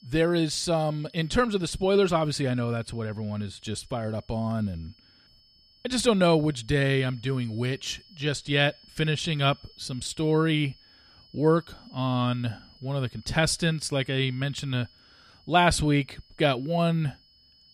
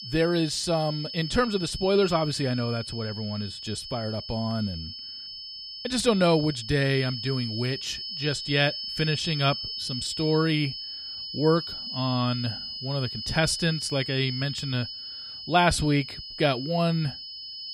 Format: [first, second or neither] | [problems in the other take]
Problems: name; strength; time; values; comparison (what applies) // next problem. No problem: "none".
first | high-pitched whine; loud; throughout; 5 kHz, 7 dB below the speech; faint in the first